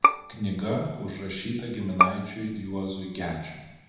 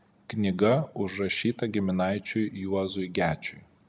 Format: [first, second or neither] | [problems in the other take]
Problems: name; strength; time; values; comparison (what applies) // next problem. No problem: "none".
second | background sound (Bowed string instrument); 2 dB above the speech // room echo; dies away in 1.1 s